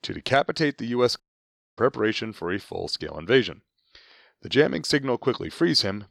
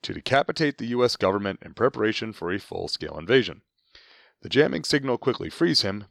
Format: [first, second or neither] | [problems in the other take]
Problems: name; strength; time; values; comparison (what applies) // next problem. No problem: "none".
second | audio cutting out; at 1 s for 0.5 s